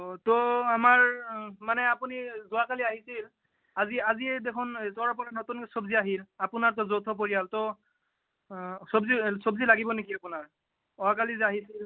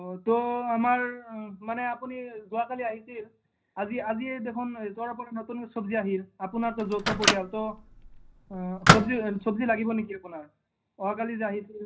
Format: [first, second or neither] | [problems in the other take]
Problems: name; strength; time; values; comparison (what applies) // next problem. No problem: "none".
first | background sound (Microwave oven); 4 dB above the speech // room echo; dies away in 0.4 s